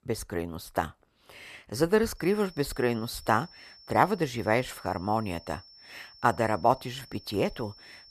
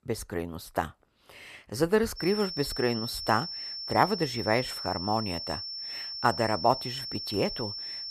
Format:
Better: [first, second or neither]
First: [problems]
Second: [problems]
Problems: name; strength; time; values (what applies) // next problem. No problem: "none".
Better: first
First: high-pitched whine; faint; from 2 s on; 5.5 kHz, 20 dB below the speech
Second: high-pitched whine; loud; from 2 s on; 5.5 kHz, 5 dB below the speech